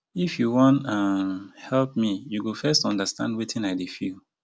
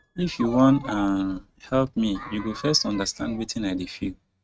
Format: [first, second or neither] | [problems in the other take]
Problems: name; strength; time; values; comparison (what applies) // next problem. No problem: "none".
first | noise reduction (neural mask model RNNoise)